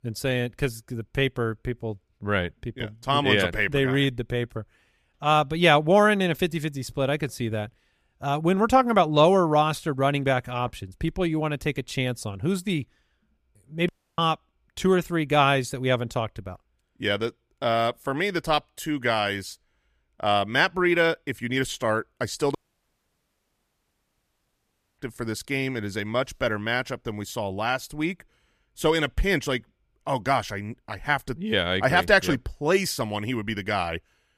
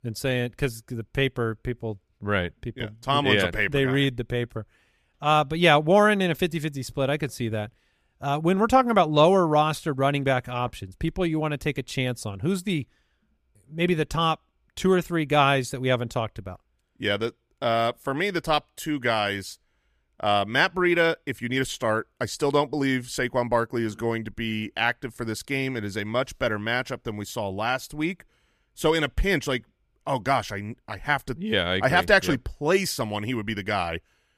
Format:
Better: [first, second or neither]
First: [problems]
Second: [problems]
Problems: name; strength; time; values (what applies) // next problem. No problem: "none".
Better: second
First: audio cutting out; at 14 s and at 23 s for 2.5 s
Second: none